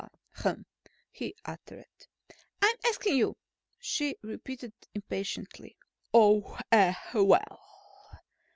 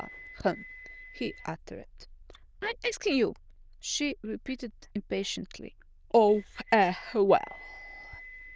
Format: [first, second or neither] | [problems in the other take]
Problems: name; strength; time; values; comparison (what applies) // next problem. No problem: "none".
first | noise reduction (neural diffusion model UNIVERSE++)